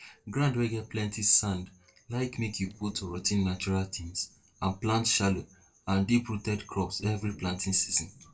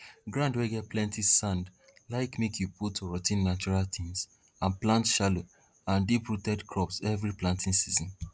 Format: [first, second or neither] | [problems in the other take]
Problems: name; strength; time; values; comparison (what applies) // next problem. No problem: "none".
second | noise reduction (neural separator model SepFormer DNS4)